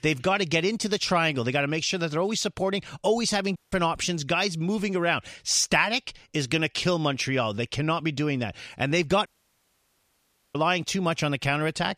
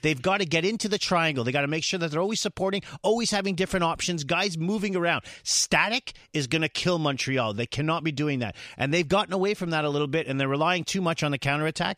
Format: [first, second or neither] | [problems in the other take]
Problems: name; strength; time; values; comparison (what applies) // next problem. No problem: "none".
second | audio cutting out; at 3.5 s and at 9.5 s for 1.5 s